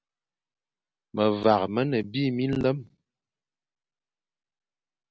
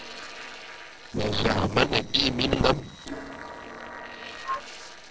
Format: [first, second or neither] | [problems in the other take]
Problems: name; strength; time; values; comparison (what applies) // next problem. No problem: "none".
first | noise reduction (neural separator model SepFormer DNS4)